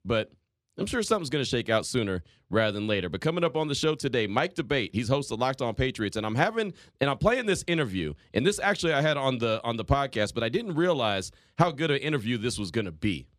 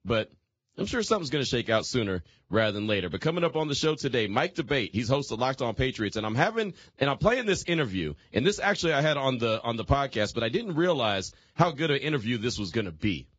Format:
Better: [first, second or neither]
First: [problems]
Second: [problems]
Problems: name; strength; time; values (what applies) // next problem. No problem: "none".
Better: first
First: none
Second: garbled, watery; badly; nothing above 7.5 kHz